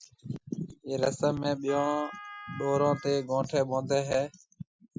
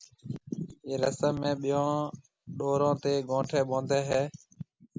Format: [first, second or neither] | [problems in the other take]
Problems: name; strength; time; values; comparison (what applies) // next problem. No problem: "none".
second | noise reduction (classical method Wiener filter)